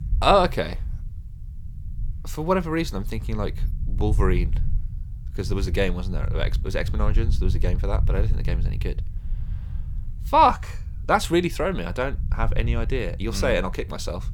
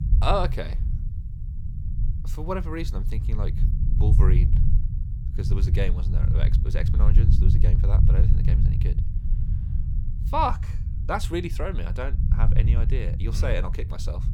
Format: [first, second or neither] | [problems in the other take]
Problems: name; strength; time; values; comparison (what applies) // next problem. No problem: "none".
first | low rumble; loud; throughout; 10 dB below the speech; faint in the first